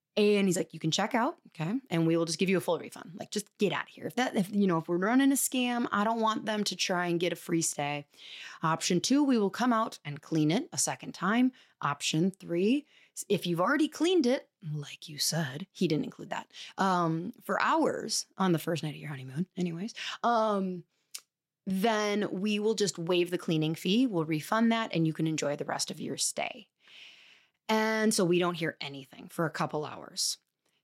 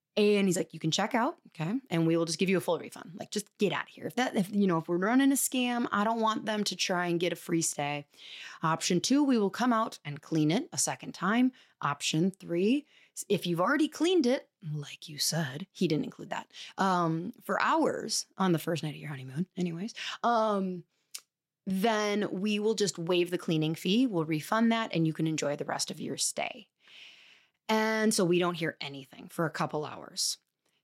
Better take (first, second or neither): neither